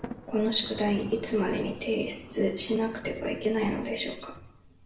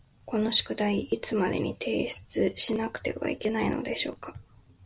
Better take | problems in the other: second | background sound (Thunder); 14 dB below the speech // room echo; dies away in 0.7 s

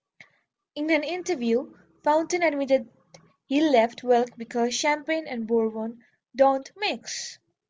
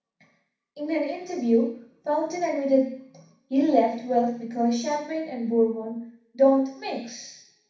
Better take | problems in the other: first | room echo; dies away in 0.6 s

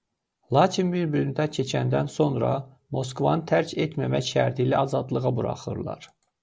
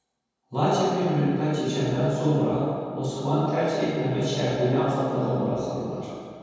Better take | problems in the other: first | room echo; dies away in 2.1 s

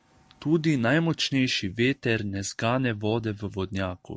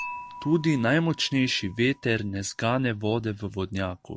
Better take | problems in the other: first | background sound (Dishes, pots, and pans / Chink, clink); 18 dB below the speech

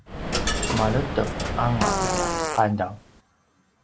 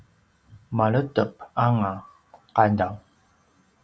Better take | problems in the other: second | background sound (Coin (dropping) + Fart); 1 dB above the speech

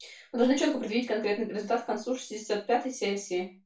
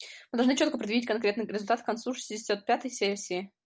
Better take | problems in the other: second | room echo; dies away in 0.2 s

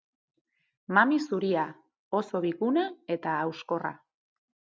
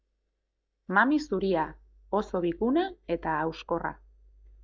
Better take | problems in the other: first | noise reduction (neural mask model DeepFilterNet 3)

